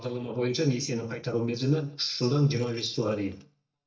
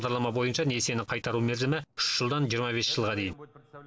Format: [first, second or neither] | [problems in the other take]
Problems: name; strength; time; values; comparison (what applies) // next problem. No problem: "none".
second | noise reduction (neural mask model DeepFilterNet 3)